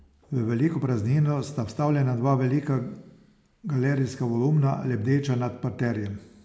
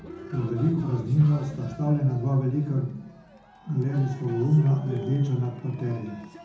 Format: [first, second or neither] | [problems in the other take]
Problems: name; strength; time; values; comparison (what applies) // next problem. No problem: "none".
first | background sound (Cheering); 18 dB below the speech // room echo; dies away in 0.6 s